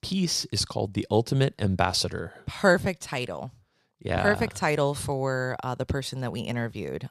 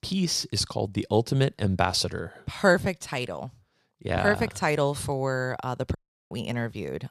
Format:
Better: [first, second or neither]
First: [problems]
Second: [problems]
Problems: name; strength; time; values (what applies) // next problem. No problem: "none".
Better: first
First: none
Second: audio cutting out; at 6 s